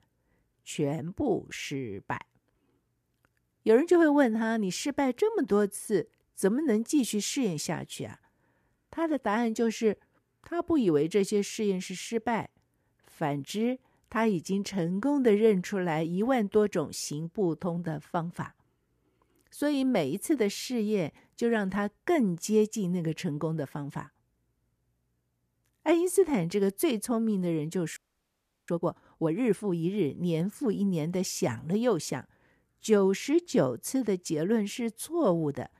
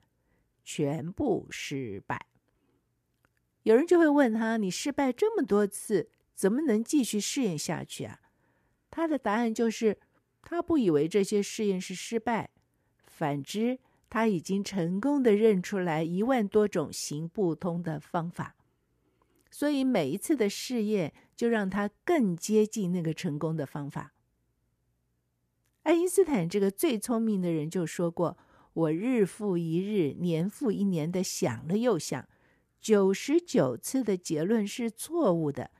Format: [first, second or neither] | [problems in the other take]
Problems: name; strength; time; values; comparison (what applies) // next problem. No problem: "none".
second | audio freezing; at 28 s for 0.5 s